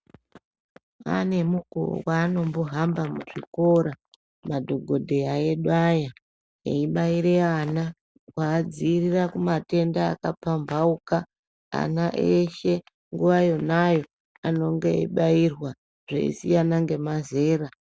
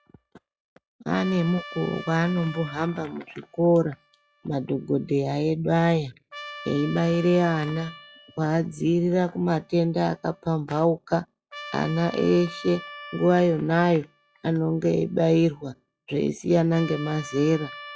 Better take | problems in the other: first | noise reduction (classical method log-MMSE)

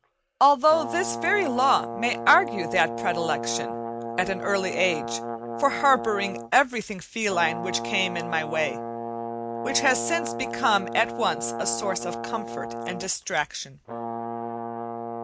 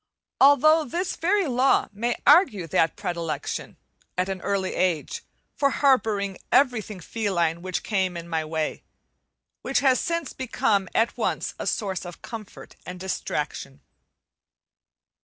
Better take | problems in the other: second | background sound (Brass instrument); 7 dB below the speech

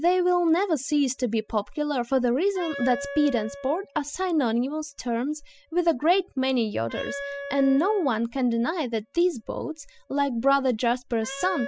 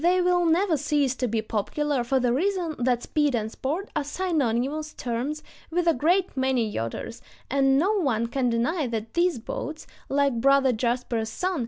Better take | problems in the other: second | noise reduction (classical method spectral subtraction)

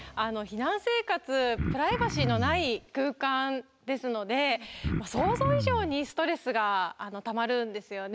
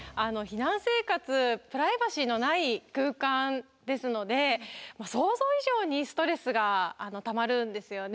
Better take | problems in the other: second | background sound (Cough); 3 dB below the speech

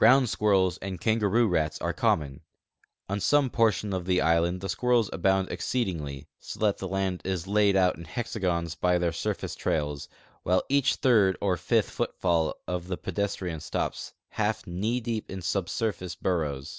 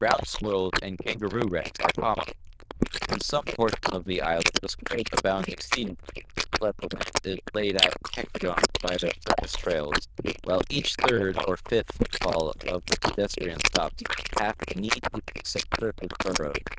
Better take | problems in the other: first | noise reduction (neural diffusion model UNIVERSE++)

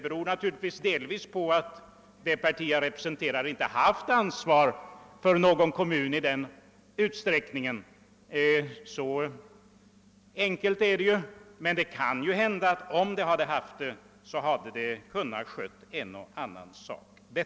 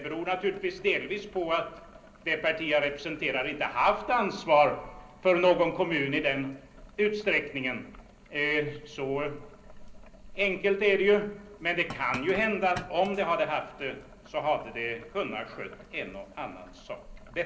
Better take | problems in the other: first | background sound (Boiling); 19 dB below the speech // room echo; dies away in 0.5 s

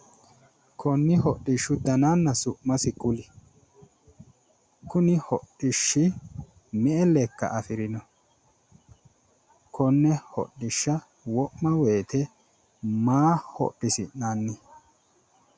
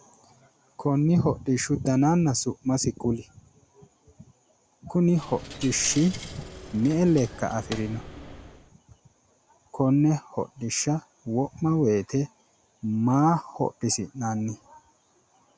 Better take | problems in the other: first | background sound (Coin (dropping)); 13 dB below the speech

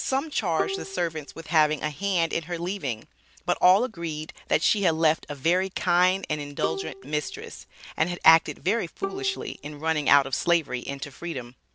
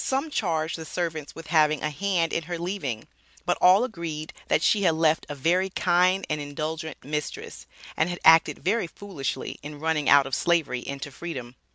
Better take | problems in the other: second | background sound (Bowed string instrument); 11 dB below the speech

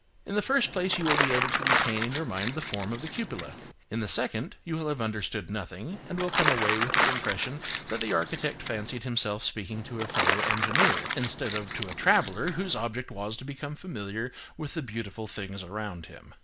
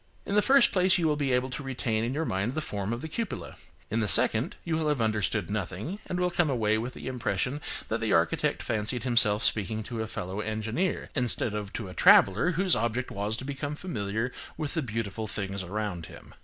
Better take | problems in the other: second | background sound (Crumpling, crinkling); 1 dB above the speech

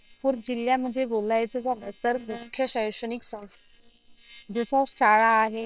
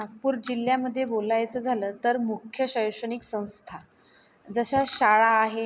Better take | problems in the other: second | noise reduction (neural separator model SepFormer WHAM!)

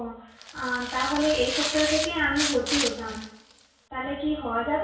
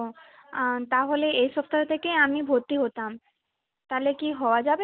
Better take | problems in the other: second | background sound (Tearing); 5 dB below the speech // room echo; dies away in 0.6 s

